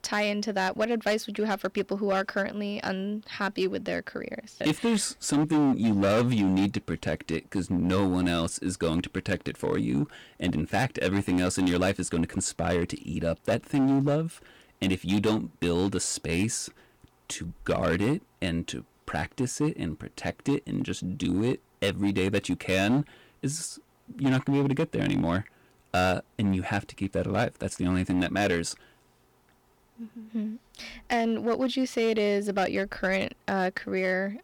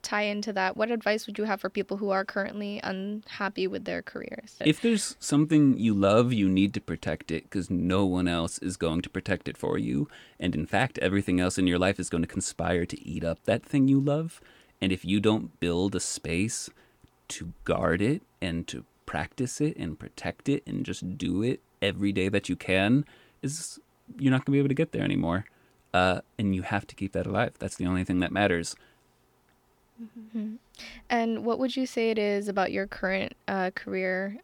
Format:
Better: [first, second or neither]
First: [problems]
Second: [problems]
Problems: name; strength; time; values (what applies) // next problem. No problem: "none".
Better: second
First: distortion; slight; 7% of the sound clipped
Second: none